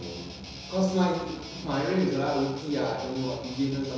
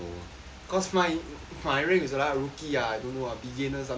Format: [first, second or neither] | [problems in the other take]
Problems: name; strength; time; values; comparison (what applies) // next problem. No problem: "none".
second | background sound (Guitar); 14 dB below the speech // room echo; dies away in 1 s